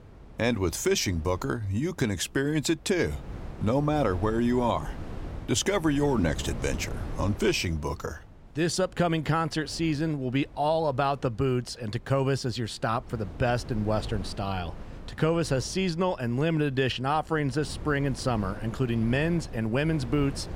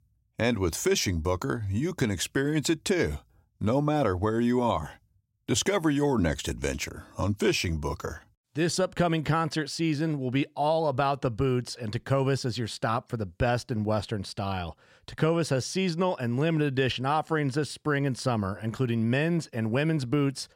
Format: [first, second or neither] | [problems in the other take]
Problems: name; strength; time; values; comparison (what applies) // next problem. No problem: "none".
second | wind noise on the microphone; occasional gusts; 20 dB below the speech